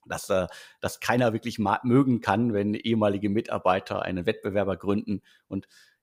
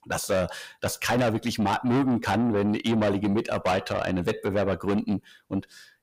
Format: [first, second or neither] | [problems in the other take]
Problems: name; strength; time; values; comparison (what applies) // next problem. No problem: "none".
first | distortion; heavy; 7 dB below the speech